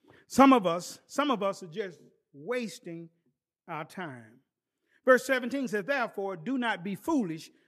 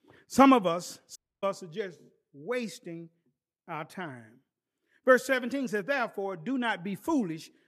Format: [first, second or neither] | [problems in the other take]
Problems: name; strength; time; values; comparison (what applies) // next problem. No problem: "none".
first | audio cutting out; at 1 s